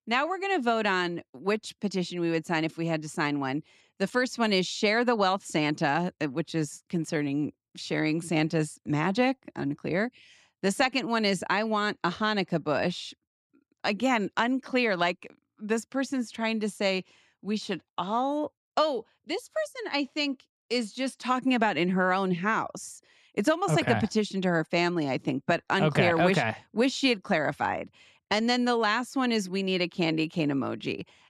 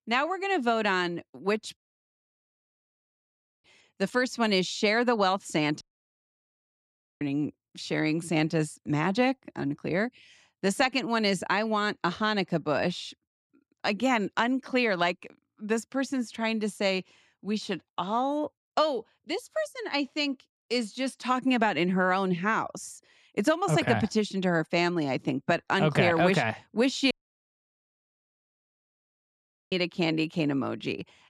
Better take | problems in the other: first | audio cutting out; at 2 s for 2 s, at 6 s for 1.5 s and at 27 s for 2.5 s

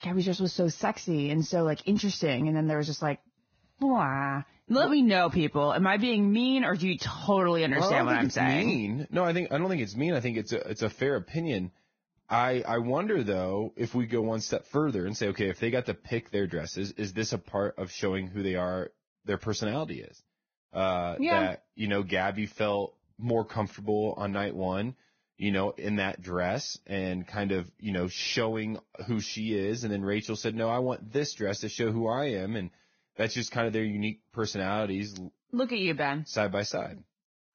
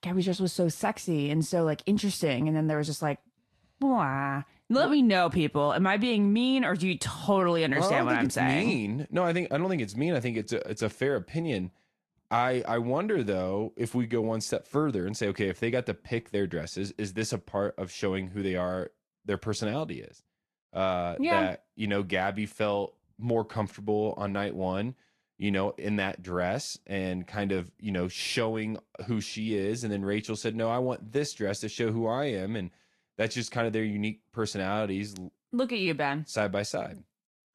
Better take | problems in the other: second | garbled, watery; badly; nothing above 6.5 kHz; slightly in the second

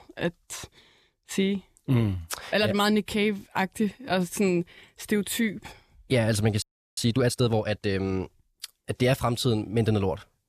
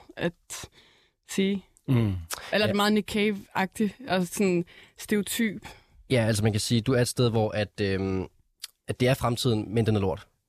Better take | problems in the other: second | audio freezing; at 6.5 s

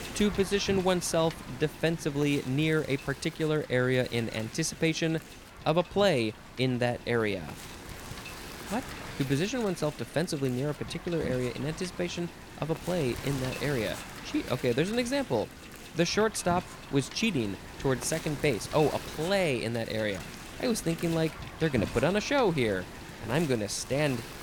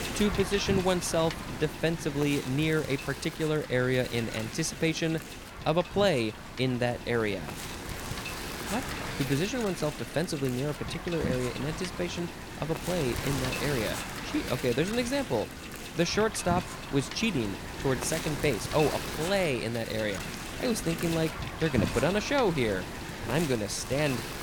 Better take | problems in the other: first | wind noise on the microphone; heavy; 6 dB below the speech; occasional gusts in the first

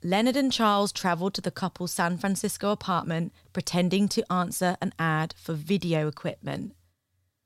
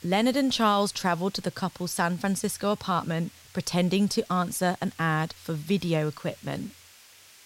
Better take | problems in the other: first | hiss; faint; throughout; 25 dB below the speech

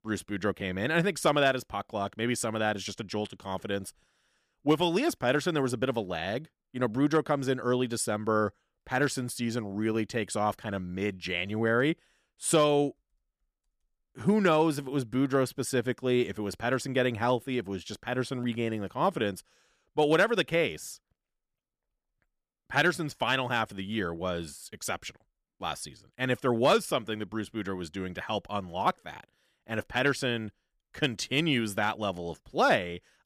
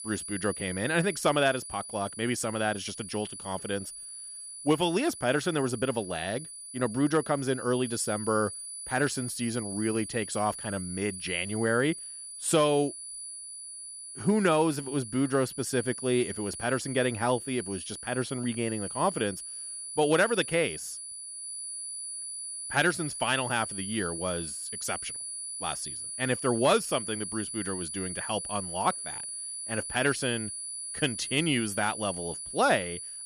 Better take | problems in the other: first | high-pitched whine; loud; throughout; 10 kHz, 7 dB below the speech

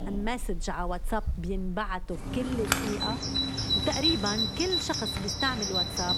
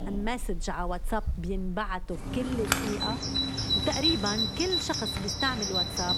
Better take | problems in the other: neither | animal sounds; very loud; throughout; 4 dB above the speech; the same in both

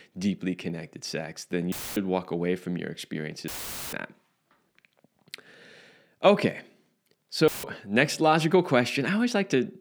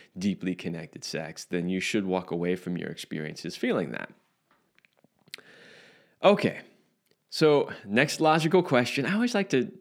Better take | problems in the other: second | audio cutting out; filled with static; at 1.5 s, at 3.5 s and at 7.5 s

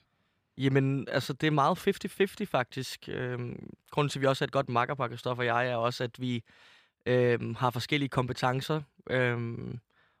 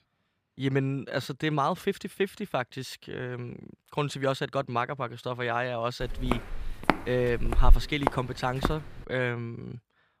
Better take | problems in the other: first | footsteps; loud; from 6.5 to 8.5 s; peak 5 dB above the speech

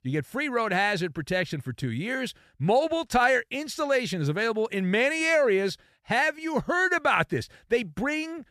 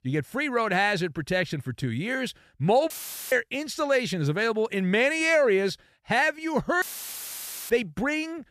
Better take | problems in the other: first | audio cutting out; filled with static; at 3 s and at 7 s for 1 s

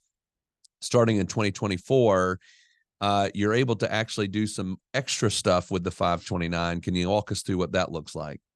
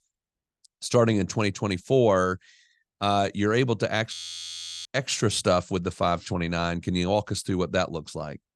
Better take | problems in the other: first | audio freezing; at 4 s for 0.5 s

